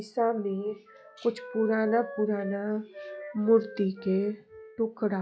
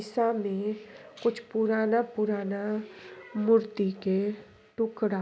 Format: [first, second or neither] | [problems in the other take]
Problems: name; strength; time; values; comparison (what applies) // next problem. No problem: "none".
second | noise reduction (classical method log-MMSE)